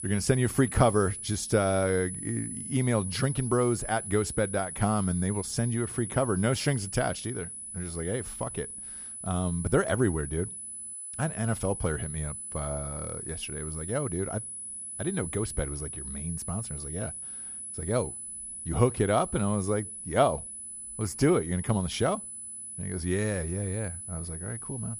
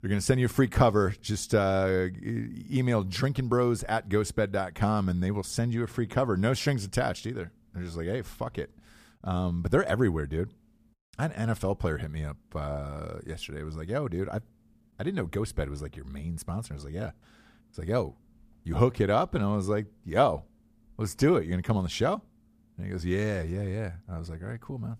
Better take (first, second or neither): second